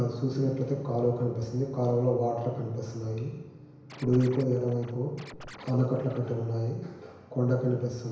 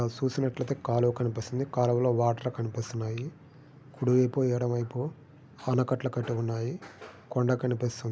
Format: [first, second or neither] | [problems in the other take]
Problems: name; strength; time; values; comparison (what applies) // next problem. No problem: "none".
second | background sound (Scratching (performance technique)); 18 dB below the speech // room echo; dies away in 1 s